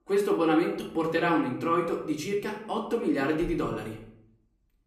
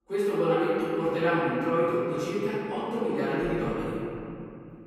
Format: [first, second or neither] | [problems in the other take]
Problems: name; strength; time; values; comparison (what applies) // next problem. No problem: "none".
first | room echo; strong; dies away in 2.9 s; slight in the first // off-mic speech; far; far in the first